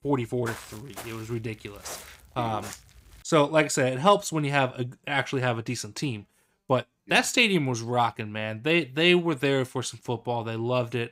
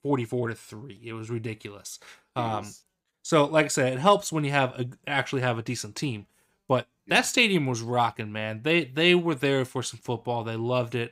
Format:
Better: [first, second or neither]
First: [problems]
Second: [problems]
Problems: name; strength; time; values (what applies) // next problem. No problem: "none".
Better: second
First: footsteps; faint; until 3 s; peak 15 dB below the speech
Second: none